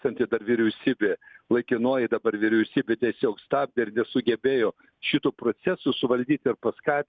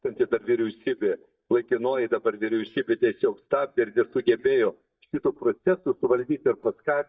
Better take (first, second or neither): first